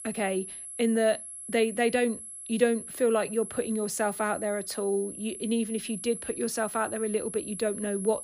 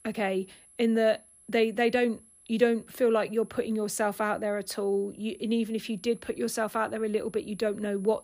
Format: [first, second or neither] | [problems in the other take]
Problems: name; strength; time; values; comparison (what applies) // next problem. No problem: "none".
second | high-pitched whine; loud; throughout; 11 kHz, 9 dB below the speech; faint in the second